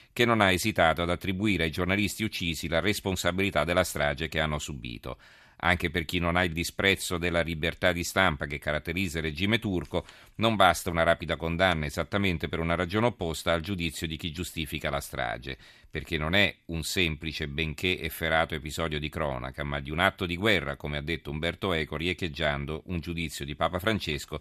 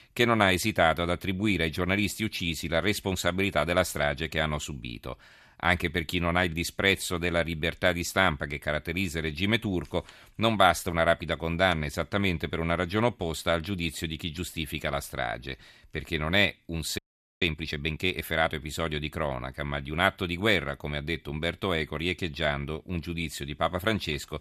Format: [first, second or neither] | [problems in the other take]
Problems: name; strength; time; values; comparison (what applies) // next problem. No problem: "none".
first | audio freezing; at 17 s